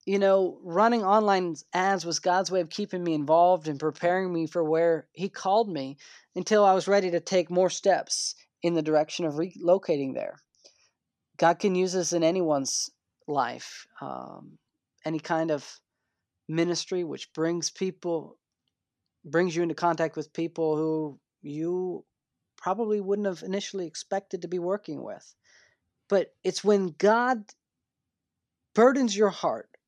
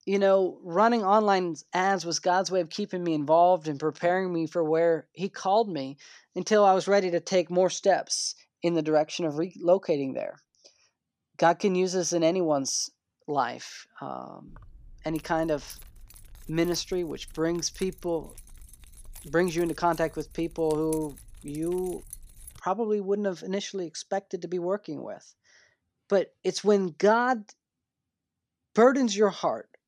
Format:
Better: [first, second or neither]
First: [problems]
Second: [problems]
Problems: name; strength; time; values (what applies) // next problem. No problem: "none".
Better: first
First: none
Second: jangling keys; faint; from 14 to 23 s; peak 15 dB below the speech